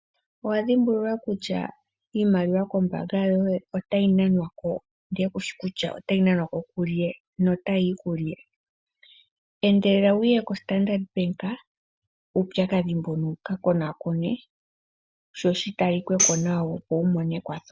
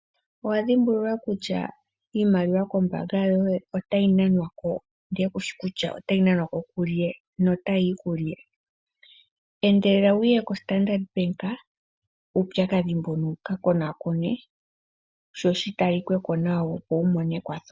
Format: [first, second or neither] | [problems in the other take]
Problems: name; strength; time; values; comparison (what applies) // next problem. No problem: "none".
second | background sound (Tambourine); 4 dB below the speech